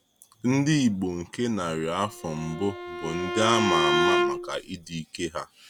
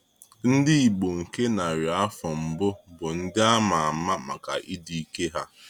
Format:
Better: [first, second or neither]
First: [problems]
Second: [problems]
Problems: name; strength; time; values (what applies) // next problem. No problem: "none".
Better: second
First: background sound (Bowed string instrument); as loud as the speech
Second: none